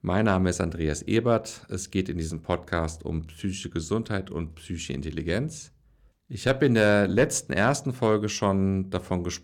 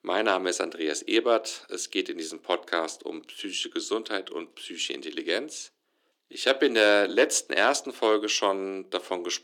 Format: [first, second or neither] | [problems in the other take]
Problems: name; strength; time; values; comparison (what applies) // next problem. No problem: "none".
first | thin; somewhat; fading below 300 Hz